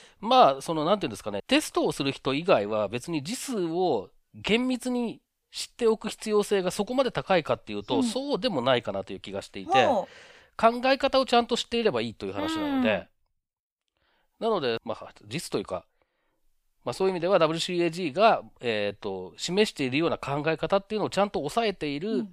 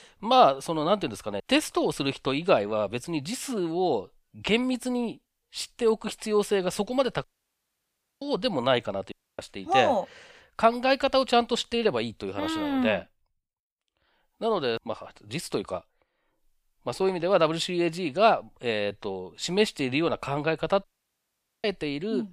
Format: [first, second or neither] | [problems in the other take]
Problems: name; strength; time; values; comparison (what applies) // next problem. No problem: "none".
first | audio cutting out; at 7 s for 1 s, at 9 s and at 21 s for 1 s